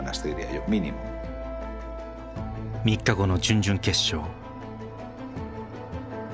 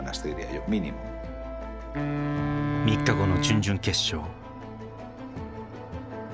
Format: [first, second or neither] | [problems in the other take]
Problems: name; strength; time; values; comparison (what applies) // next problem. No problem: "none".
first | background sound (Wind instrument, woodwind instrument); as loud as the speech